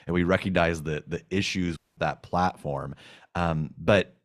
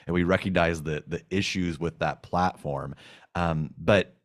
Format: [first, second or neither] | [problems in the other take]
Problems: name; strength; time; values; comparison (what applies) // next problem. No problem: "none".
second | audio cutting out; at 2 s